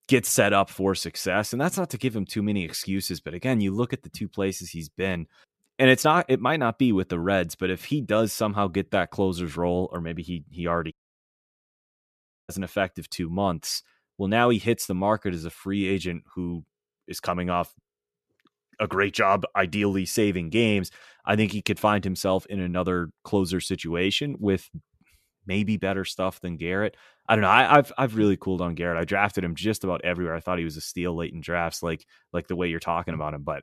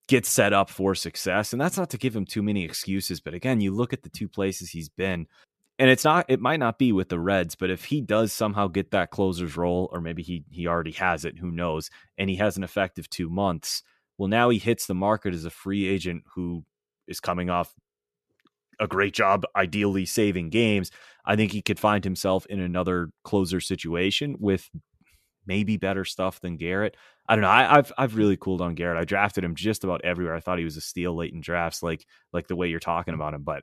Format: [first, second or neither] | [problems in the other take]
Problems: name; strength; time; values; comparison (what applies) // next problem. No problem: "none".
second | audio cutting out; at 11 s for 1.5 s